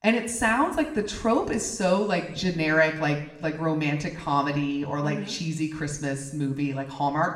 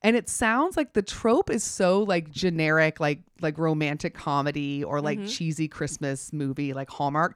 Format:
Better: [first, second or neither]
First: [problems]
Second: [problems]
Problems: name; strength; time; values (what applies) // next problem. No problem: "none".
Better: second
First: room echo; slight; dies away in 0.8 s // off-mic speech; somewhat distant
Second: none